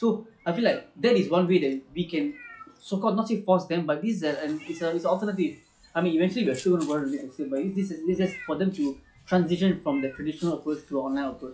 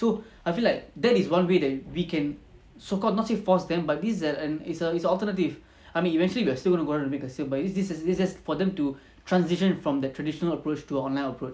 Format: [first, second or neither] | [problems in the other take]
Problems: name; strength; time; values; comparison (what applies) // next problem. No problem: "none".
second | noise reduction (classical method log-MMSE)